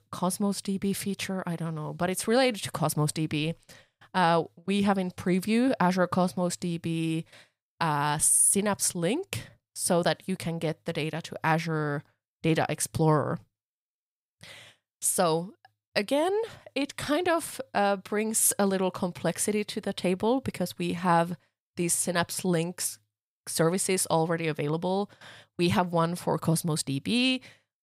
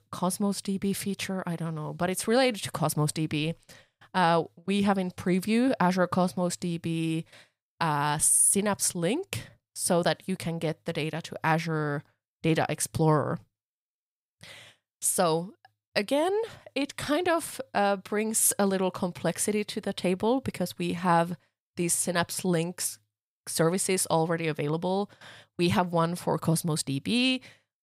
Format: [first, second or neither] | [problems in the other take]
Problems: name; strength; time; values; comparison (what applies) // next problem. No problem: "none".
neither | none